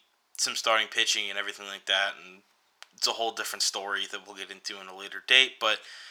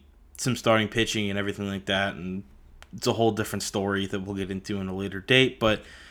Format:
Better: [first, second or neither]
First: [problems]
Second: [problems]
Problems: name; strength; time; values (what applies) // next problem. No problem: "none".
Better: second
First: thin; very; fading below 900 Hz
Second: none